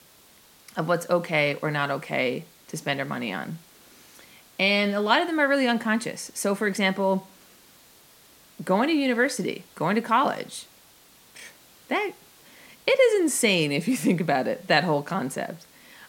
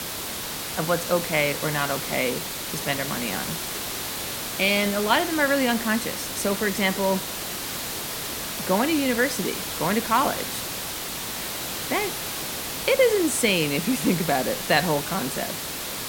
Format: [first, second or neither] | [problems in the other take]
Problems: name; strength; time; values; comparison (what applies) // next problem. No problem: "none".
first | hiss; loud; throughout; 5 dB below the speech; faint in the first